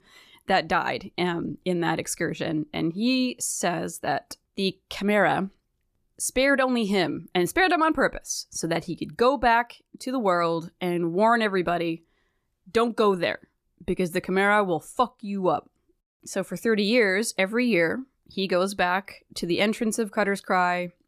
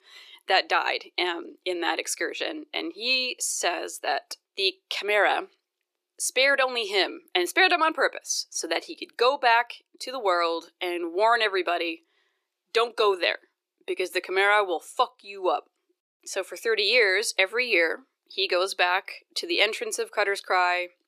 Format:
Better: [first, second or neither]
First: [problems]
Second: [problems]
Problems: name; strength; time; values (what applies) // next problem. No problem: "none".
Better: first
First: none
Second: thin; very; fading below 350 Hz